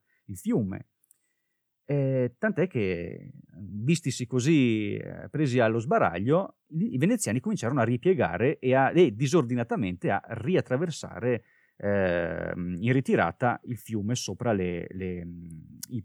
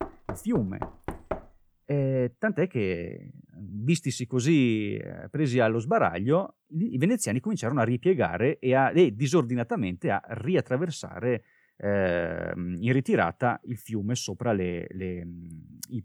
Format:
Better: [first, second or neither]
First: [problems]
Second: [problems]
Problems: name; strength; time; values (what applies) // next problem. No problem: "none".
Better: first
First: none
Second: door banging; noticeable; until 1.5 s; peak 9 dB below the speech